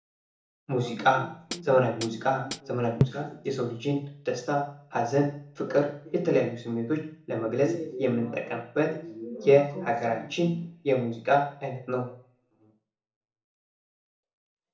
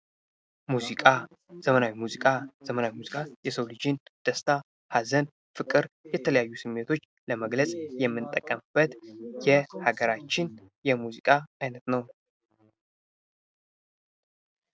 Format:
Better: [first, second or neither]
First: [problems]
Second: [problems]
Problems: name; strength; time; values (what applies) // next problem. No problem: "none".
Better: second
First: background sound (Hi-hat); 5 dB below the speech // room echo; dies away in 0.7 s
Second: none